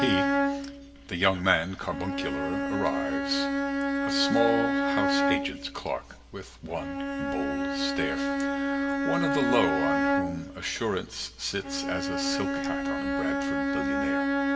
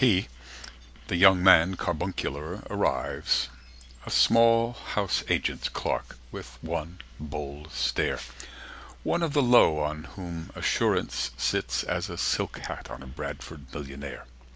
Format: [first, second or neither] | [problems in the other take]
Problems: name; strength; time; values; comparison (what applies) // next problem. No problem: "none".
second | background sound (Bowed string instrument); 3 dB above the speech // room echo; dies away in 1.4 s